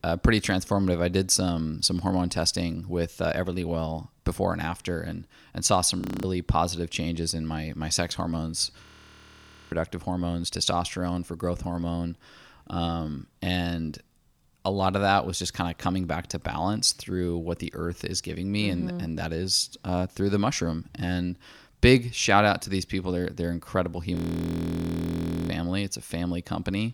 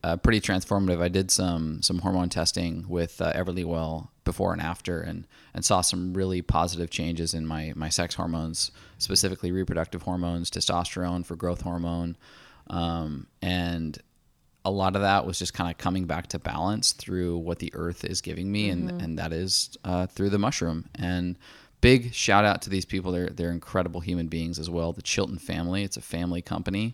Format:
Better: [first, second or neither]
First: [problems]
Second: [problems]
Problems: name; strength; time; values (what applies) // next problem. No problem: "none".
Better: second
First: audio freezing; at 6 s, at 9 s for 1 s and at 24 s for 1.5 s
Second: none